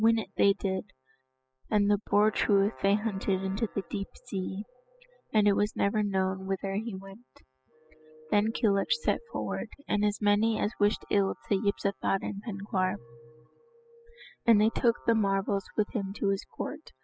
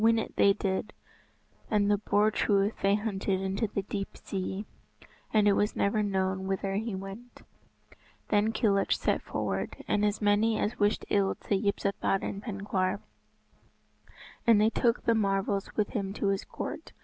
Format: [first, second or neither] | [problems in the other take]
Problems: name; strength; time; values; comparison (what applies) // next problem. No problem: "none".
second | noise reduction (classical method spectral subtraction)